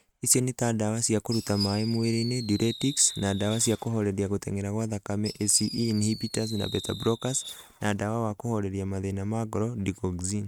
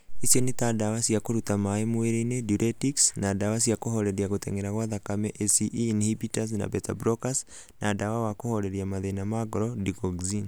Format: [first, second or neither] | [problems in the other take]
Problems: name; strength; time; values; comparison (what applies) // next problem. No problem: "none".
second | noise reduction (neural mask model RNNoise)